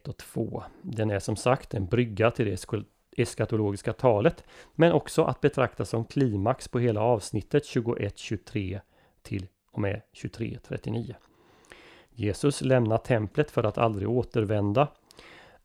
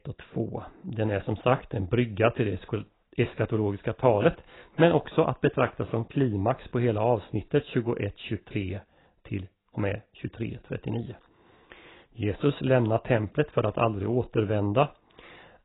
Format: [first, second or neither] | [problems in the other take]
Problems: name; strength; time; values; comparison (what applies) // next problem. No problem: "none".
first | garbled, watery; badly; nothing above 4 kHz